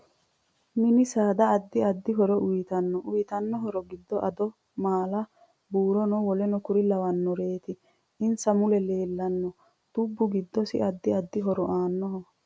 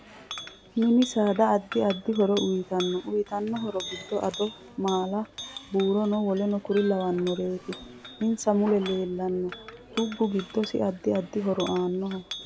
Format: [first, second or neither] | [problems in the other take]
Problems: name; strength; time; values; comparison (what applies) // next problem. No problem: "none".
first | background sound (Chink, clink); 15 dB below the speech